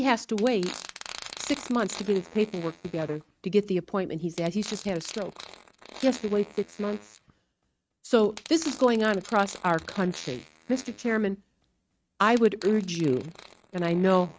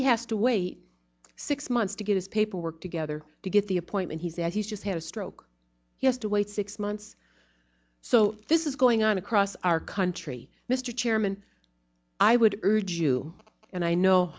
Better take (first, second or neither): second